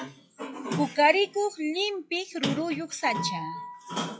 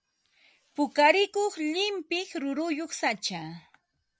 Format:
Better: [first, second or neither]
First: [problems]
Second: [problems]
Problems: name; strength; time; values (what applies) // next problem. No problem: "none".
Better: second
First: noise reduction (classical method log-MMSE)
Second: none